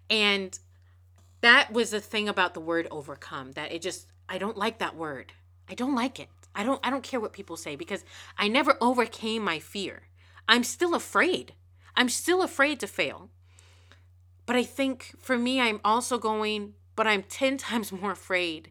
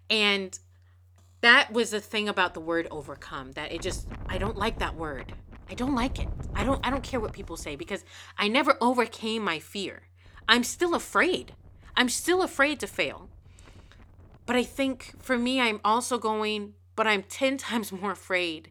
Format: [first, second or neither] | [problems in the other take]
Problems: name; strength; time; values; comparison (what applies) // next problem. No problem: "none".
first | wind noise on the microphone; occasional gusts; from 2.5 to 8 s and from 10 to 16 s; 20 dB below the speech